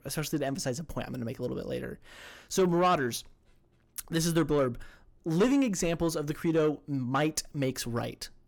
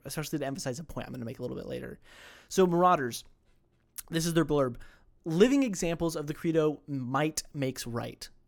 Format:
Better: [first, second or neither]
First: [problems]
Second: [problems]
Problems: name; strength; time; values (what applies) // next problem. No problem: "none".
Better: second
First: distortion; slight; 10 dB below the speech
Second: none